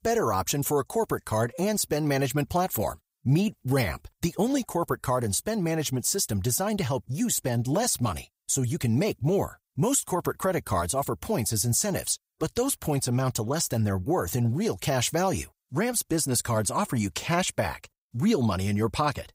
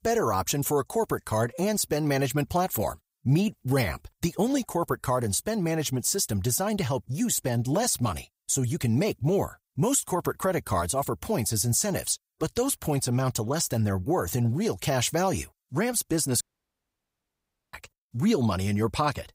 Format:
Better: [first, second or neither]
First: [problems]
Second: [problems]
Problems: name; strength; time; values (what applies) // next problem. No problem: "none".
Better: first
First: none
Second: audio cutting out; at 16 s for 1.5 s